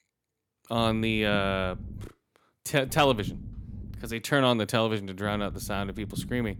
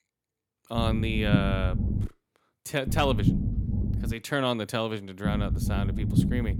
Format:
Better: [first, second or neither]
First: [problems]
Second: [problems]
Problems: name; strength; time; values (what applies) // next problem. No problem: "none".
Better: first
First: low rumble; faint; from 1 to 2 s, from 3 to 4 s and from 5.5 s on; 25 dB below the speech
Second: low rumble; loud; from 1 to 2 s, from 3 to 4 s and from 5.5 s on; 7 dB below the speech